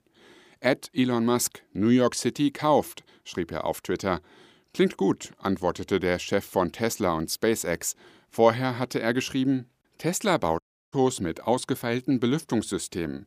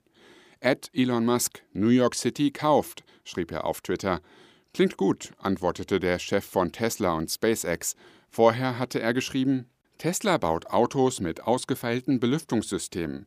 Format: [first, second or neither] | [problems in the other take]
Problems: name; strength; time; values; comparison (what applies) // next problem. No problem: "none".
second | audio cutting out; at 11 s